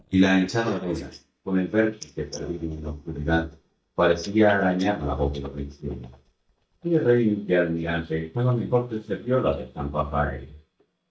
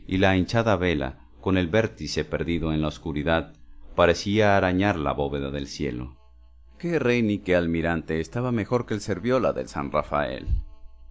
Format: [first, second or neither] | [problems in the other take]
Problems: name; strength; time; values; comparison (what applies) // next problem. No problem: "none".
second | noise reduction (neural mask model DeepFilterNet 3)